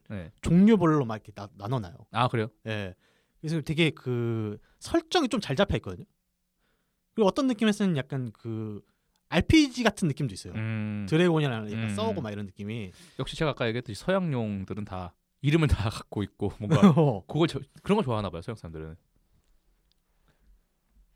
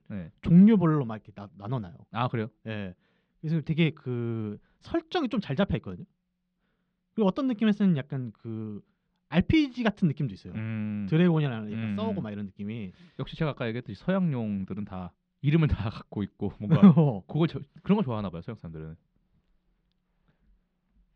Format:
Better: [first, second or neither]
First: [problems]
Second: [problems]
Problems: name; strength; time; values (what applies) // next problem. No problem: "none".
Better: first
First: none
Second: muffled; slightly; fading above 3.5 kHz